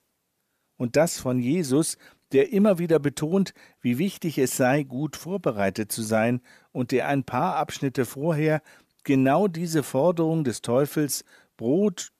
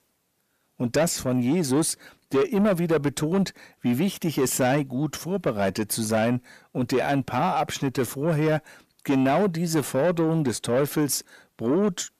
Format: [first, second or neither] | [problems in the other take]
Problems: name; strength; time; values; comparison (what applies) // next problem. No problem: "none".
first | distortion; slight; 10 dB below the speech